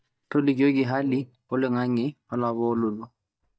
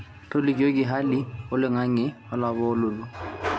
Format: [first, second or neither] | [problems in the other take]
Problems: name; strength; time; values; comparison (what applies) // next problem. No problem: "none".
second | noise reduction (neural mask model DeepFilterNet 3)